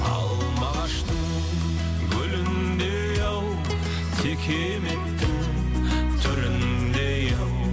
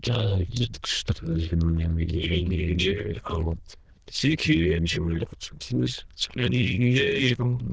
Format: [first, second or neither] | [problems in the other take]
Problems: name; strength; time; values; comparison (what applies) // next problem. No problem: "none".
first | noise reduction (neural diffusion model UNIVERSE++)